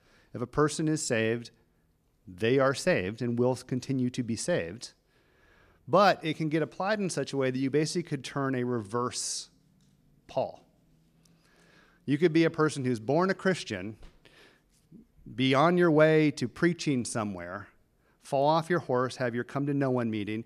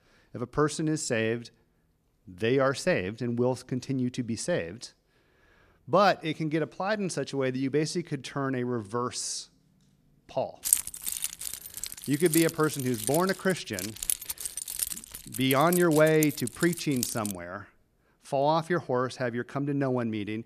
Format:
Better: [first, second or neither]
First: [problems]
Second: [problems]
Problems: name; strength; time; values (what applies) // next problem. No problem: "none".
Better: first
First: none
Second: jangling keys; loud; from 11 to 17 s; peak 4 dB above the speech